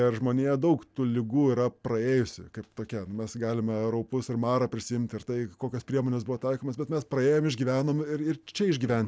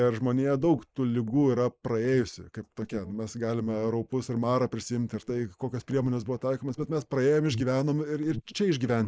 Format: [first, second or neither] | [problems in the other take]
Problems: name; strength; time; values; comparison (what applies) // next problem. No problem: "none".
first | noise reduction (neural mask model Resemble Enhance denoiser)